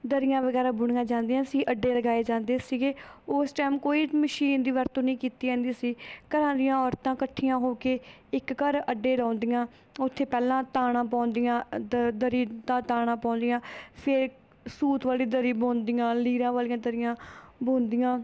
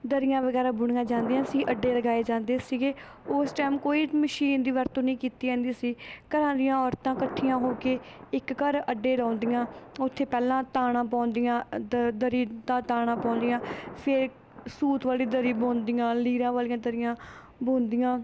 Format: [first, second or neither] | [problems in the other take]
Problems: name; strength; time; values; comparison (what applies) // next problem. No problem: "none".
first | background sound (Thunder); 16 dB below the speech